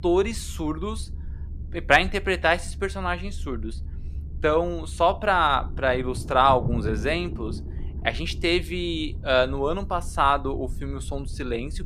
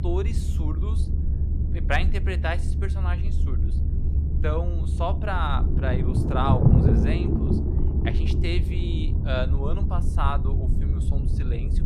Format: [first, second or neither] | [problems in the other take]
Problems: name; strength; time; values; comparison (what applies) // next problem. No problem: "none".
first | low rumble; loud; throughout; 5 dB below the speech; faint in the first